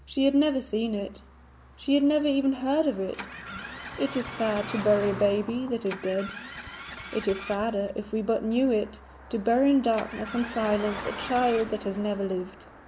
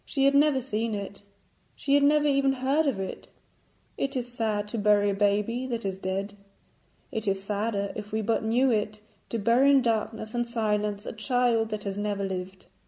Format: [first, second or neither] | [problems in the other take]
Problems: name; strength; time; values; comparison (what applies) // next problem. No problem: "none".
second | background sound (Car passing by + Engine starting); 14 dB below the speech